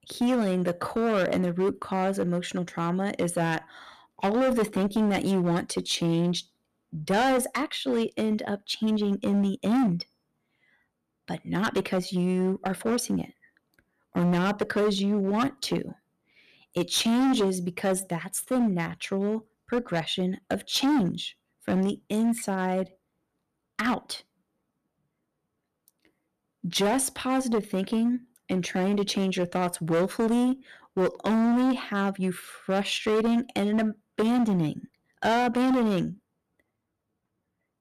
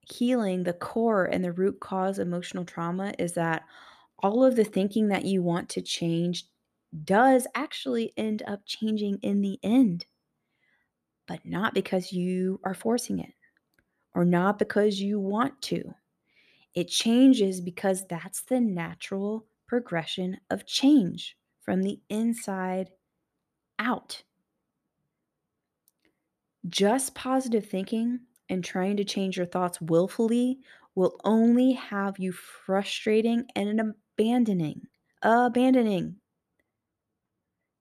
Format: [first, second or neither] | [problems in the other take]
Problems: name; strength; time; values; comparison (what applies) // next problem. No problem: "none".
second | distortion; heavy; 11% of the sound clipped